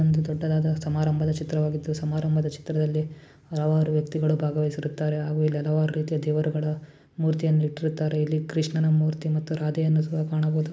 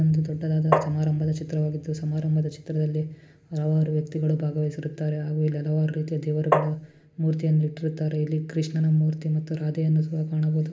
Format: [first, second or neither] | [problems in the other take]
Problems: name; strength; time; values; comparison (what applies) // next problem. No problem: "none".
first | background sound (Tap); as loud as the speech // room echo; dies away in 0.8 s